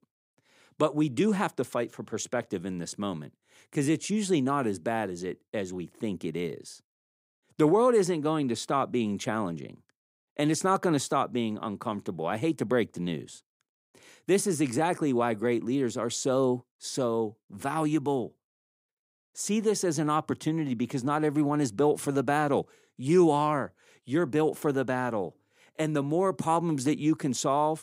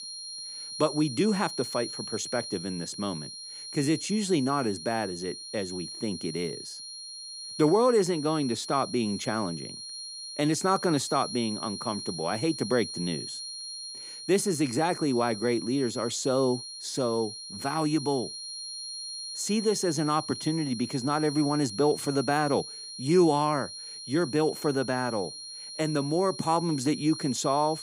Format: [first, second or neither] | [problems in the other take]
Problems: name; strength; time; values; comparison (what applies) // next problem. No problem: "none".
first | high-pitched whine; loud; throughout; 4 kHz, 9 dB below the speech